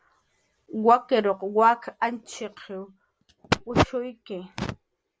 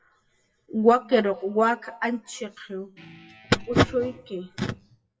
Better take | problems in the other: first | noise reduction (classical method WPE with log-MMSE)

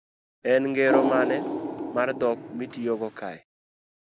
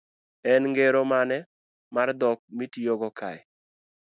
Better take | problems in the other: second | background sound (Water); 3 dB below the speech

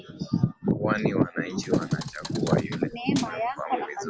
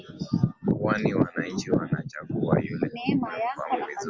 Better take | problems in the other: second | background sound (Thump, thud); 14 dB below the speech

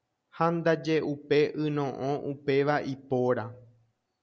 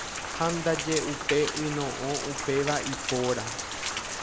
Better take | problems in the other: first | background sound (Rain); 4 dB below the speech

